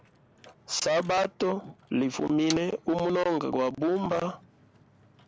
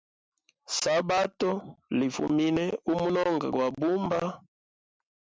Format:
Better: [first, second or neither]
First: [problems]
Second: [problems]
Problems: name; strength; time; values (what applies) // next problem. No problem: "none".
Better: second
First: background sound (Motor vehicle (road)); 20 dB below the speech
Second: none